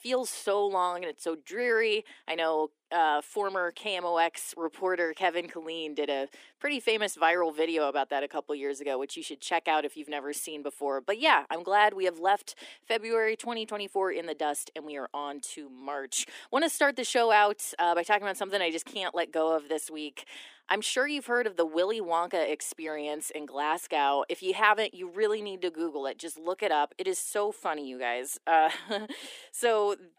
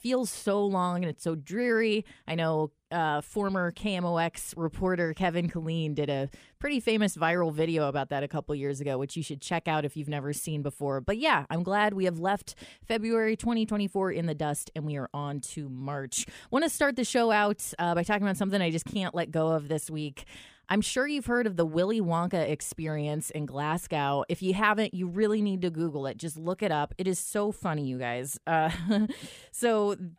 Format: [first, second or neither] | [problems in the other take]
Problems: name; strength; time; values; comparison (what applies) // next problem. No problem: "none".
second | thin; very; fading below 300 Hz